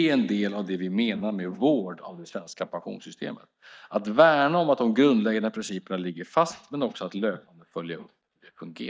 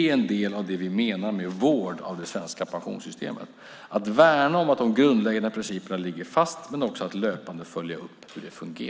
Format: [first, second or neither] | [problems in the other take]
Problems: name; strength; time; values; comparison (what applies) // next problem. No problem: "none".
second | noise reduction (neural mask model DeepFilterNet 3)